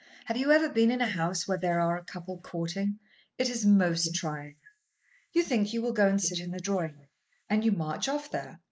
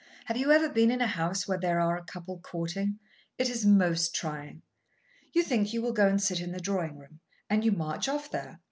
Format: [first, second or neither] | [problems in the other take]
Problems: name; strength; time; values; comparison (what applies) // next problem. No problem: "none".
second | noise reduction (neural mask model Resemble Enhance denoiser)